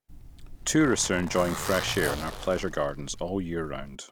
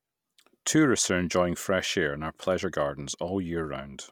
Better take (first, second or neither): second